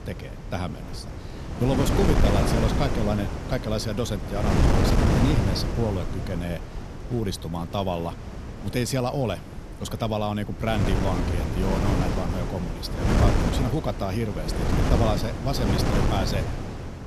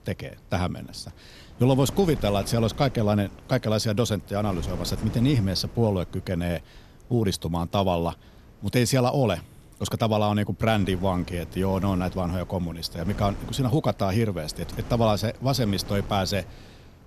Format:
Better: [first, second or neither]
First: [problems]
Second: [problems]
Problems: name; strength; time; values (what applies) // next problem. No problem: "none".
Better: second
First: wind noise on the microphone; heavy; as loud as the speech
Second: wind noise on the microphone; occasional gusts; 20 dB below the speech